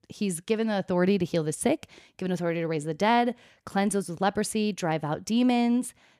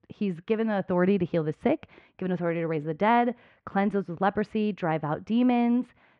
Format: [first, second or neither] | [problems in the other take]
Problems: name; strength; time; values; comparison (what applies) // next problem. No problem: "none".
first | muffled; very; fading above 2.5 kHz